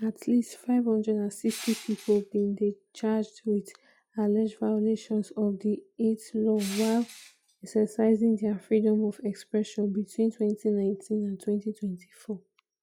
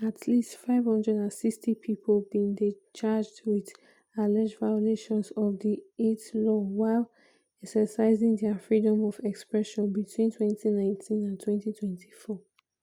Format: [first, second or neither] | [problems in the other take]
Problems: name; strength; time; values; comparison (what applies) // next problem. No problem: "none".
second | noise reduction (classical method log-MMSE)